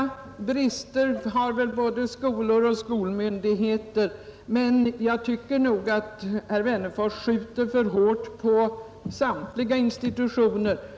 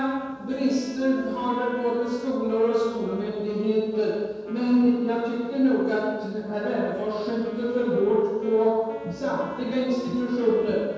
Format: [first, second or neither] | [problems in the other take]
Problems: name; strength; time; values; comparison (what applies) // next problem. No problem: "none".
first | background sound (Wind instrument, woodwind instrument); 19 dB below the speech // room echo; dies away in 1.2 s